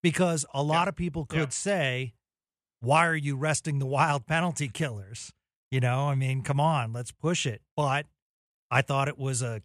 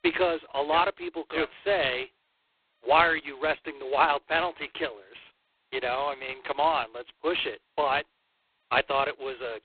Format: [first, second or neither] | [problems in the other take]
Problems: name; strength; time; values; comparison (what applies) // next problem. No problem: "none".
first | phone-call audio; poor line; nothing above 4 kHz